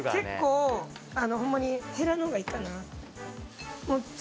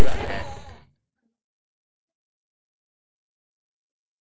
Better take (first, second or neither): first